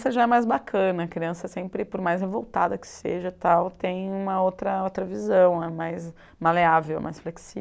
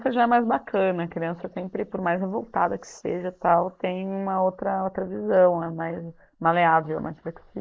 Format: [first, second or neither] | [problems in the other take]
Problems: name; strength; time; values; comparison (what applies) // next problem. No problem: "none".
first | noise reduction (neural mask model Resemble Enhance denoiser)